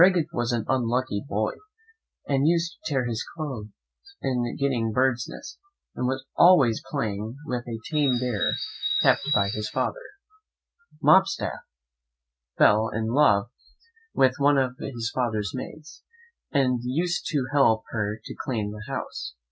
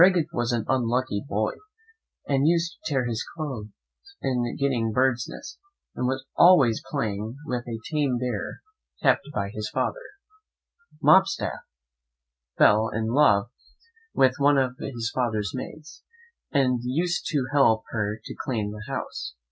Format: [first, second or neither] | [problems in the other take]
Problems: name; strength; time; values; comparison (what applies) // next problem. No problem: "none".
second | background sound (Bird); 5 dB below the speech